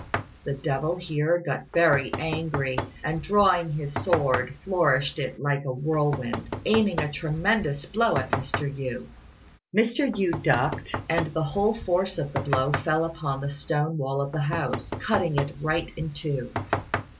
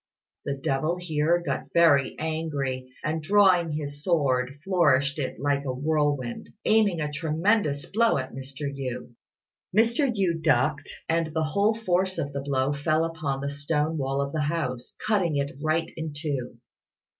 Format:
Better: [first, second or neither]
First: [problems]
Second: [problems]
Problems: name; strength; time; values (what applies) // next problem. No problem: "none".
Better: second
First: background sound (Knock); 8 dB below the speech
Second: none